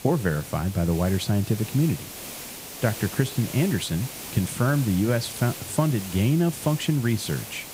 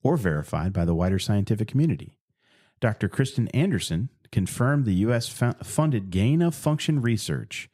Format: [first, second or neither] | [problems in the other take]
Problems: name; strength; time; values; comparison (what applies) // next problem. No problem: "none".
second | hiss; noticeable; throughout; 10 dB below the speech